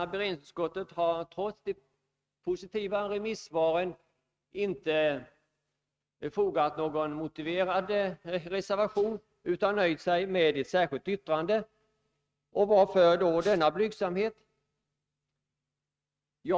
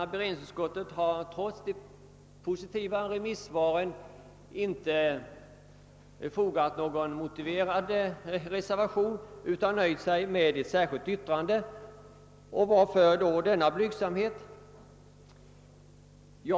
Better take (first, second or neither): second